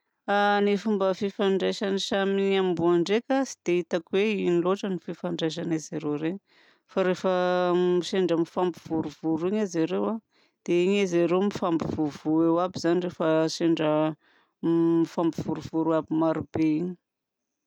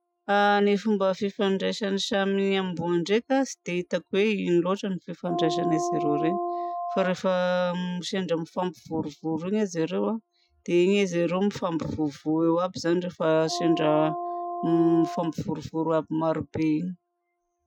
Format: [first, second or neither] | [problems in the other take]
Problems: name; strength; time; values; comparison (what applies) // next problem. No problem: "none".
first | noise reduction (classical method Wiener filter)